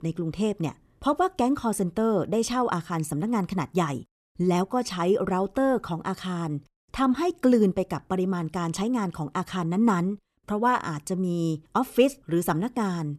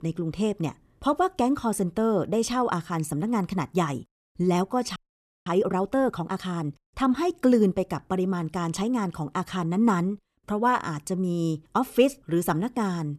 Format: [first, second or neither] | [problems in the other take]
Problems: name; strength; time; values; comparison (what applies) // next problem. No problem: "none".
first | audio freezing; at 5 s for 0.5 s